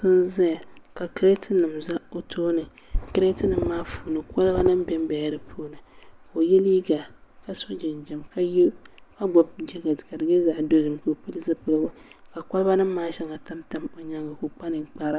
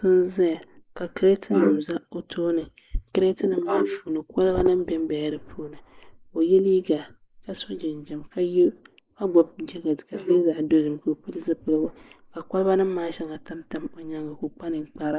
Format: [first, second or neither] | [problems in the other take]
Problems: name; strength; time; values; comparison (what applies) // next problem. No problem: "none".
first | noise reduction (neural mask model Resemble Enhance denoiser)